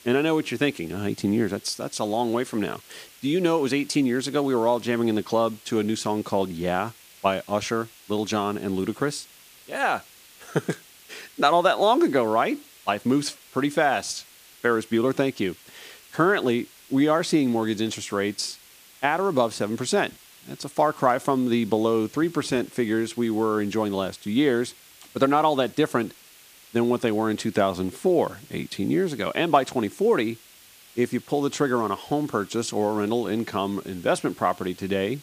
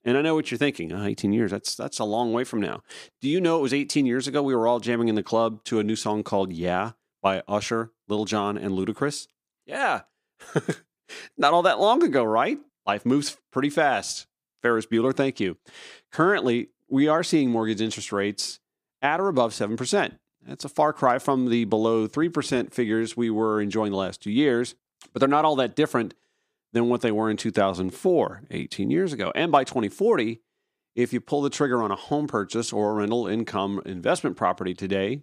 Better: second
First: hiss; faint; throughout; 25 dB below the speech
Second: none

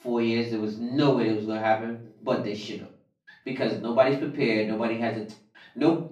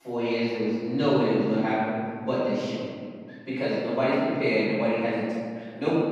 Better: first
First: room echo; slight; dies away in 0.3 s // off-mic speech; far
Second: room echo; strong; dies away in 2 s // off-mic speech; far

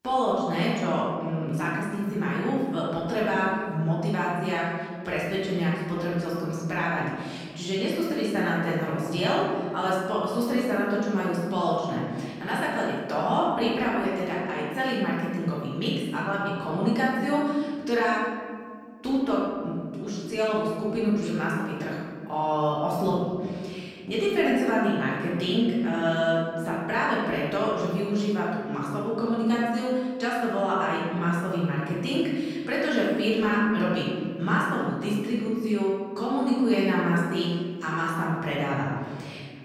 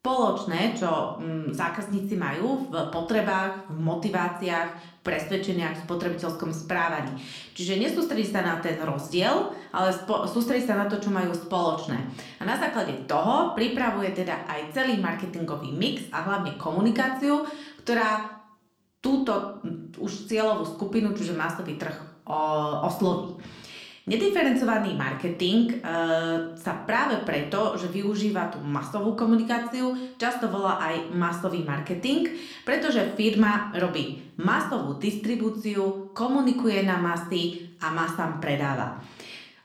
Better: second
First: room echo; strong; dies away in 1.8 s // off-mic speech; far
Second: room echo; slight; dies away in 0.5 s // off-mic speech; somewhat distant

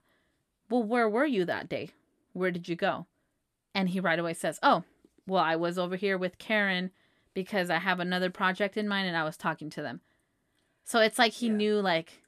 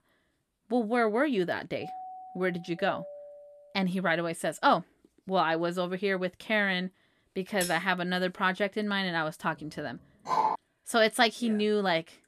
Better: first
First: none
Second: doorbell; faint; from 2 to 3.5 s; peak 15 dB below the speech // clattering dishes; noticeable; at 7.5 s; peak 8 dB below the speech // dog barking; loud; at 10 s; peak 1 dB above the speech

